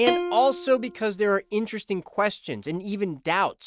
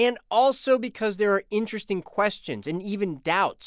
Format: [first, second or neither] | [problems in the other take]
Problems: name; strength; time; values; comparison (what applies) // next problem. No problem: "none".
second | noise reduction (neural mask model RNNoise)